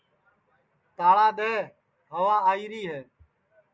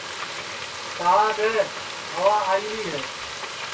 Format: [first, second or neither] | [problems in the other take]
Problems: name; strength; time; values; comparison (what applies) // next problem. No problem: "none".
first | background sound (Frying (food)); 7 dB below the speech // room echo; dies away in 0.2 s